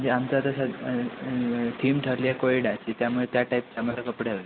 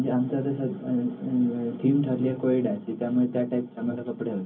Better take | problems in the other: first | room echo; dies away in 0.3 s

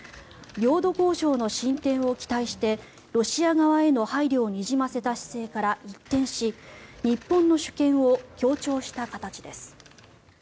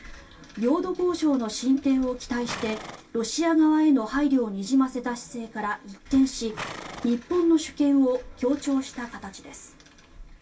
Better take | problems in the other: first | background sound (Livestock, farm animals, working animals); 20 dB below the speech // room echo; dies away in 0.2 s

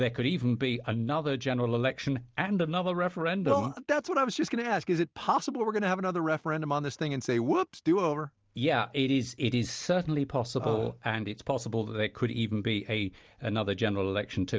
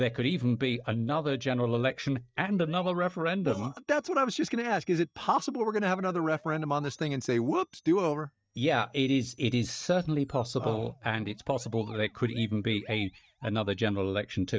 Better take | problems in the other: first | noise reduction (neural mask model DeepFilterNet 3)

